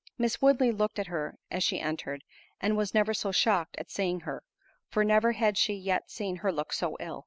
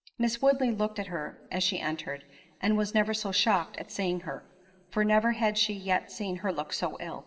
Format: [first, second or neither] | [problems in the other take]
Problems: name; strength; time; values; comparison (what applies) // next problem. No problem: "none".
first | room echo; dies away in 2 s